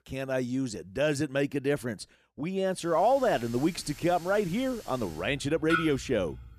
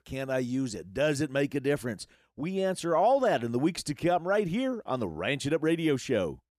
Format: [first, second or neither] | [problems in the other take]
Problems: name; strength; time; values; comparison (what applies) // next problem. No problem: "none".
second | household noises; noticeable; from 3 s on; 10 dB below the speech